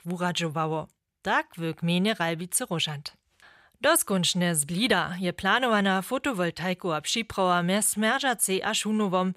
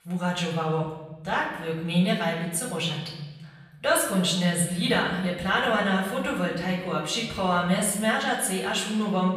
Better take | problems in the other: first | off-mic speech; far // room echo; noticeable; dies away in 1.2 s

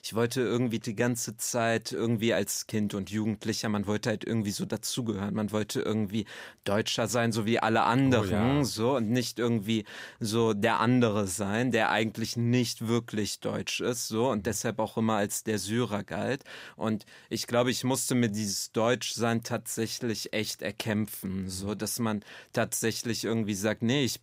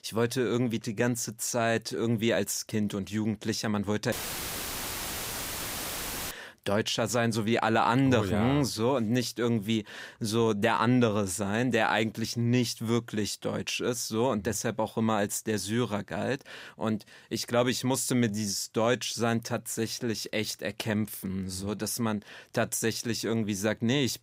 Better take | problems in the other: first | audio cutting out; filled with static; at 4 s for 2 s

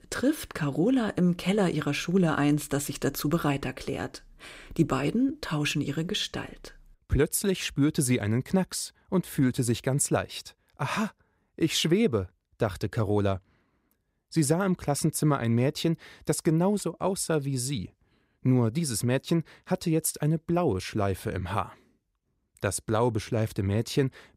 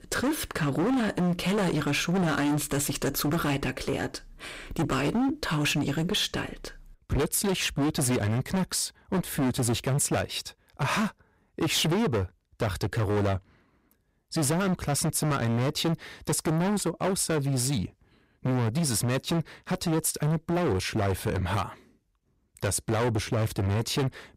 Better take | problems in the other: first | distortion; heavy; 21% of the sound clipped

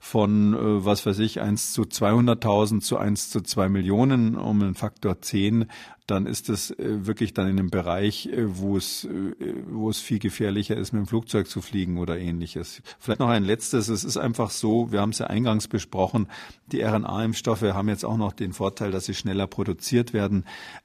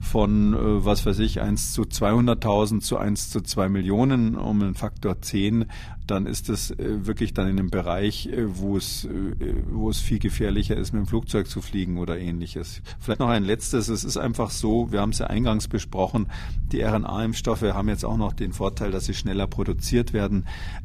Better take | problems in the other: first | low rumble; faint; throughout; 25 dB below the speech

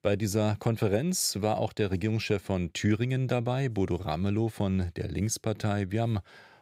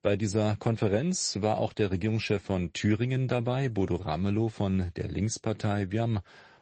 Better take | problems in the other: first | garbled, watery; slightly; nothing above 8 kHz

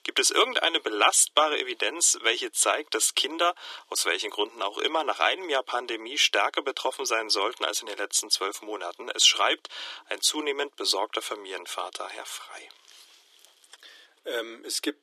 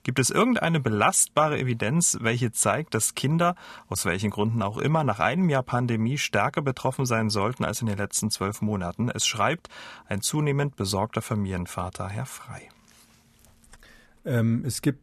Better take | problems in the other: second | thin; very; fading below 300 Hz

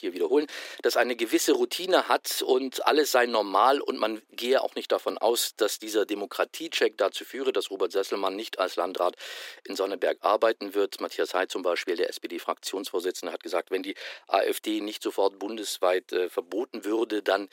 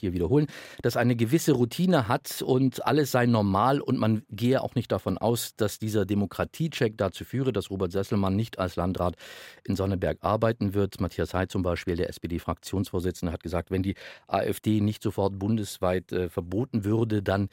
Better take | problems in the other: second | thin; very; fading below 350 Hz

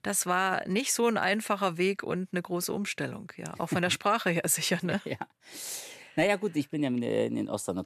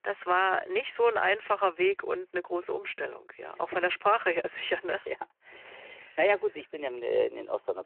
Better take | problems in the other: first | phone-call audio

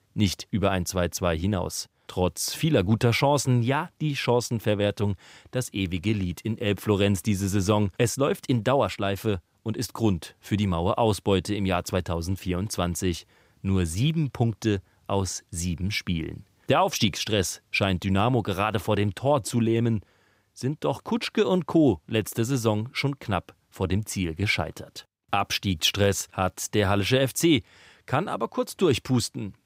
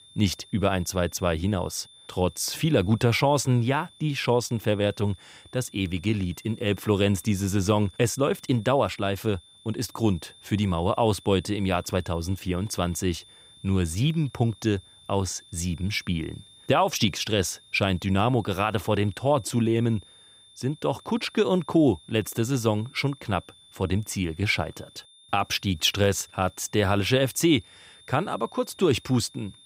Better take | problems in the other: first | high-pitched whine; faint; throughout; 3.5 kHz, 25 dB below the speech

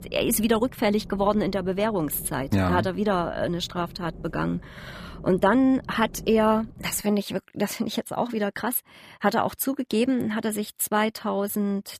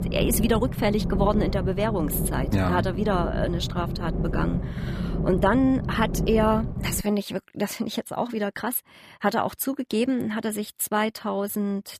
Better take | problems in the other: first | low rumble; loud; until 7 s; 10 dB below the speech; faint in the first

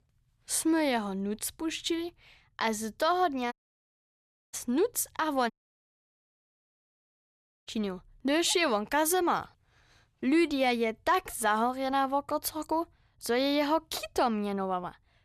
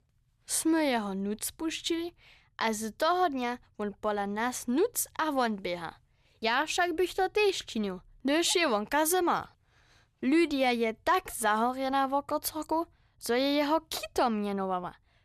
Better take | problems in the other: second | audio cutting out; at 3.5 s for 1 s and at 5.5 s for 2 s

